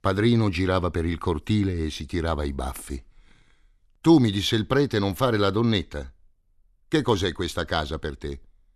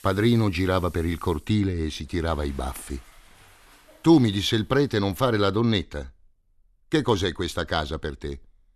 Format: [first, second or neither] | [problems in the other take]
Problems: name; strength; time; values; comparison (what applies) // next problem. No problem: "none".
first | household noises; faint; until 5 s; 25 dB below the speech